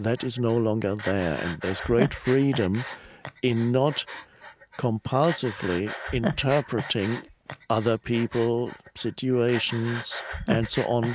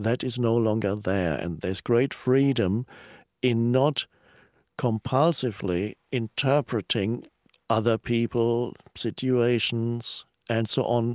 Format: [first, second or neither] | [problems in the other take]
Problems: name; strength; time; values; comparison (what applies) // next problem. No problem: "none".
second | background sound (Breathing); 9 dB below the speech